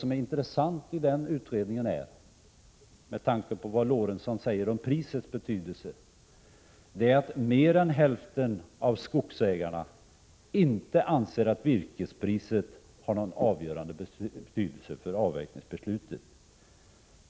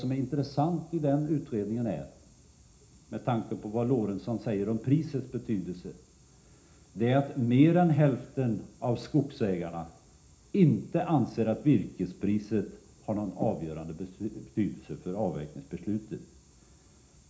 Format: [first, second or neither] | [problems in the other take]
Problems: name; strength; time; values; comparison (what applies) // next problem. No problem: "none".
first | room echo; dies away in 0.4 s